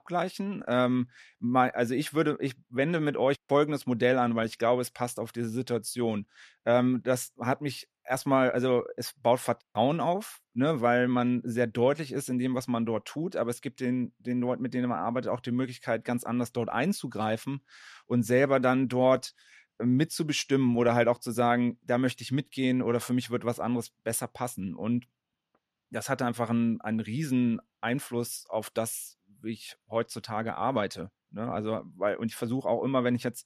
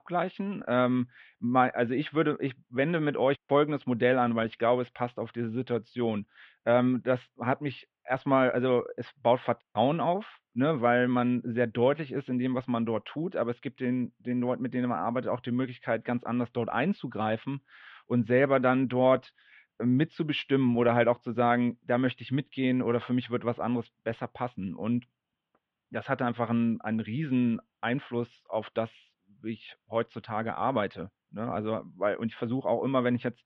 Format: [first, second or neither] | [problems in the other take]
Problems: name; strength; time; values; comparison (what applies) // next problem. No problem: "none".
first | muffled; very; fading above 3.5 kHz